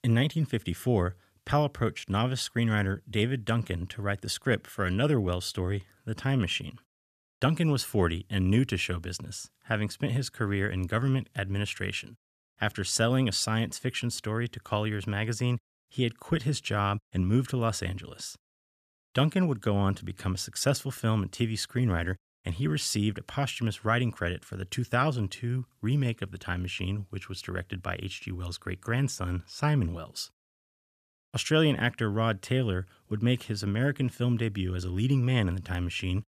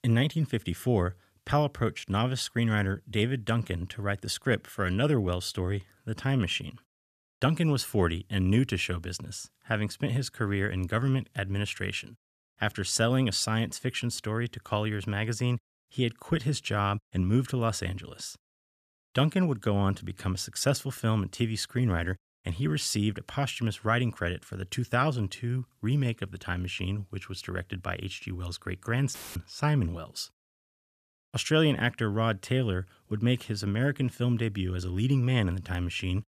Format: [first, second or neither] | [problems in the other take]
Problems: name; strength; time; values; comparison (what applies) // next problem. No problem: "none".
first | audio cutting out; filled with static; at 29 s